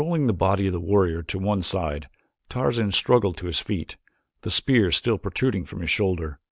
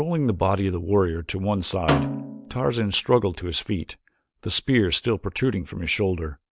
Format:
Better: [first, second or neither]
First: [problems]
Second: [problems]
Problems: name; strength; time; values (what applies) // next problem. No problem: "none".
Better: first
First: none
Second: background sound (Snare drum); 6 dB below the speech